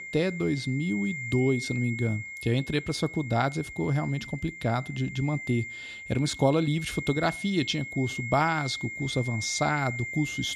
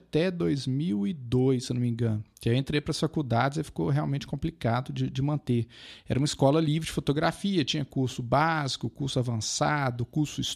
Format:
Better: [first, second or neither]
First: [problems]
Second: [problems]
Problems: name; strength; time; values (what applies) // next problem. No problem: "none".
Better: second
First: high-pitched whine; loud; throughout; 2 kHz, 8 dB below the speech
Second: none